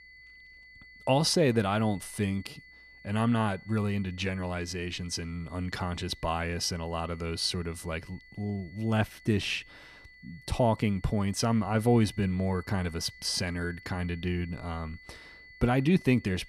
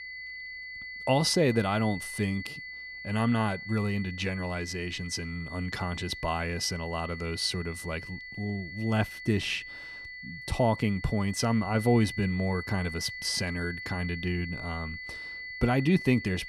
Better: first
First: high-pitched whine; faint; throughout; 2 kHz, 20 dB below the speech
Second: high-pitched whine; loud; throughout; 2 kHz, 9 dB below the speech

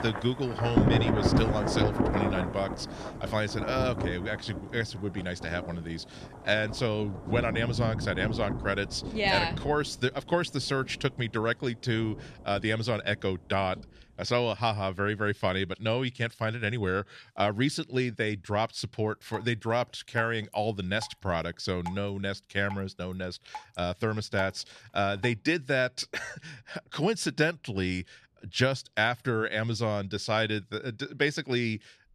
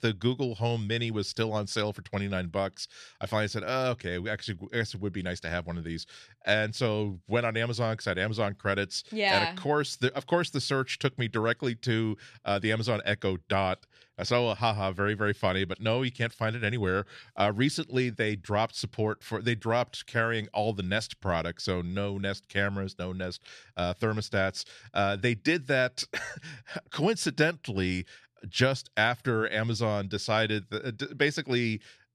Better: second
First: rain or running water; loud; throughout; 4 dB below the speech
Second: none

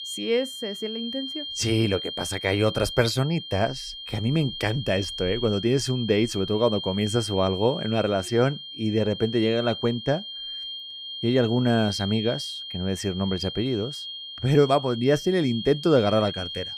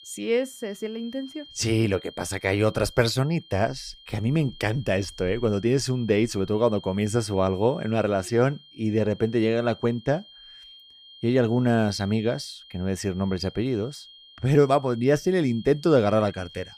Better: second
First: high-pitched whine; loud; throughout; 3 kHz, 9 dB below the speech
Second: high-pitched whine; faint; throughout; 3 kHz, 20 dB below the speech

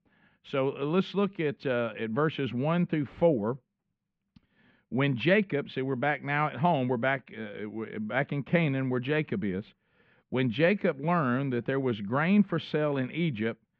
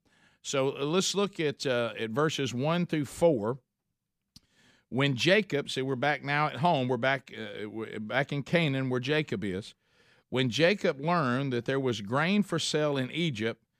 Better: second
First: muffled; very; fading above 2.5 kHz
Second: none

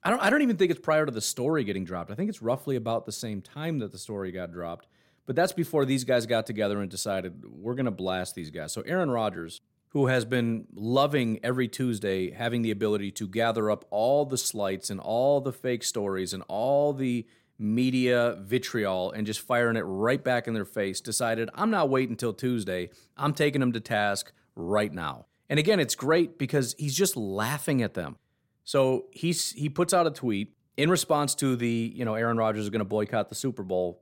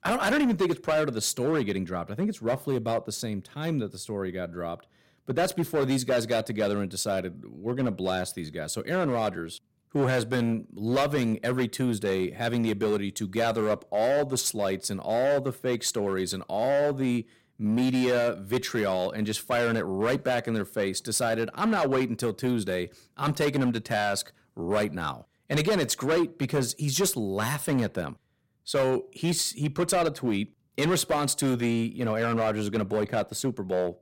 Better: first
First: none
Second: distortion; slight; 9% of the sound clipped

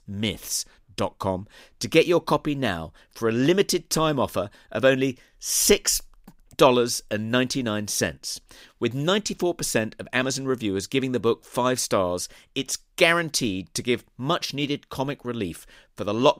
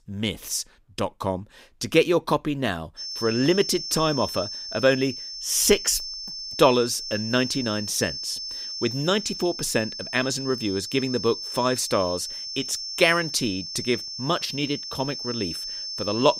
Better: first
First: none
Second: high-pitched whine; loud; from 3 s on; 5.5 kHz, 6 dB below the speech

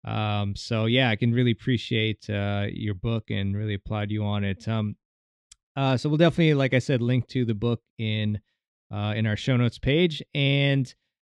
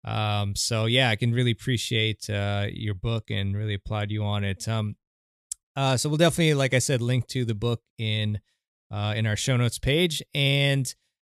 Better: second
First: muffled; slightly; fading above 3 kHz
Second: none

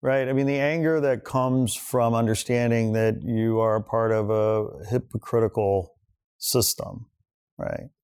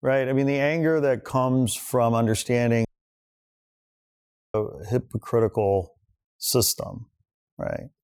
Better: first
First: none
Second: audio cutting out; at 3 s for 1.5 s

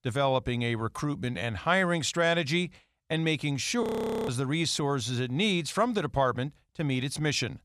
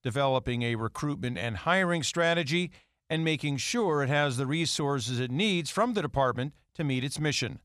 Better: second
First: audio freezing; at 4 s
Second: none

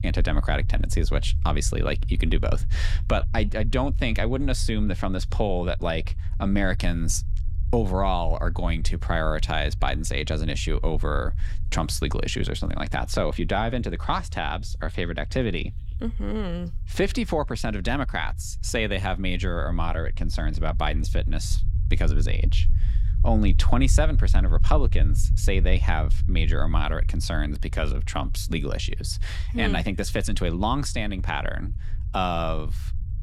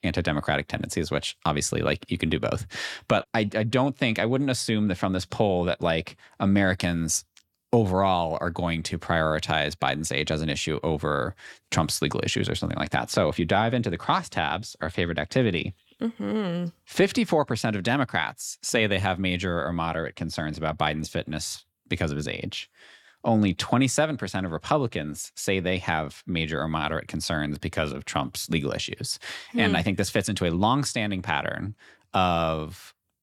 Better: second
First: low rumble; noticeable; throughout; 20 dB below the speech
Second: none

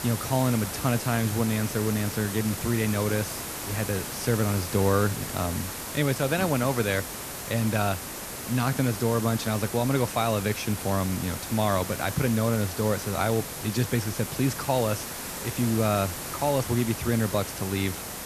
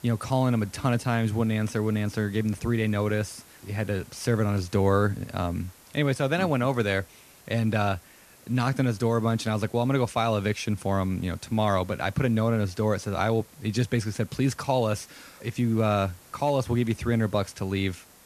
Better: second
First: hiss; loud; throughout; 6 dB below the speech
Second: hiss; faint; throughout; 25 dB below the speech

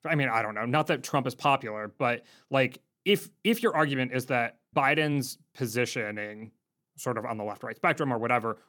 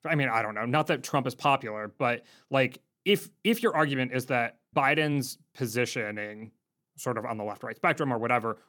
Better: neither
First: none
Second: none

